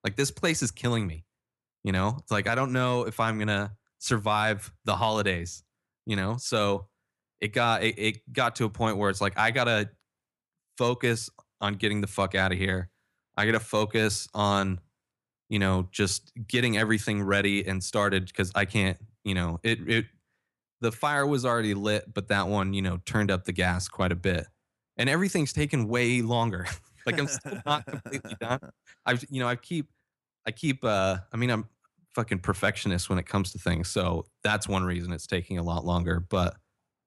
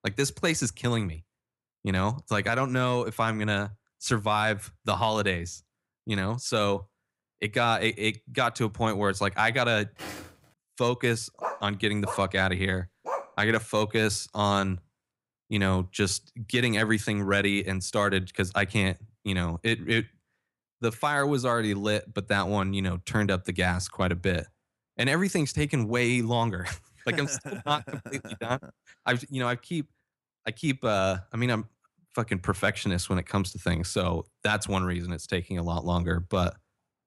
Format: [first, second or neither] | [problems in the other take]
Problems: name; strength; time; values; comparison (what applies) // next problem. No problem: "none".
first | footsteps; faint; at 10 s; peak 10 dB below the speech // dog barking; noticeable; from 11 to 13 s; peak 7 dB below the speech